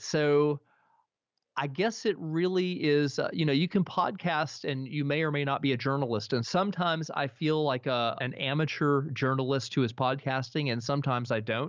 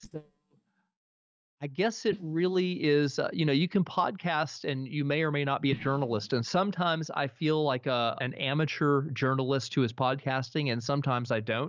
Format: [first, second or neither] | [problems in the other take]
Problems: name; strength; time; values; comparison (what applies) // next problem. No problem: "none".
first | noise reduction (neural mask model DeepFilterNet 3)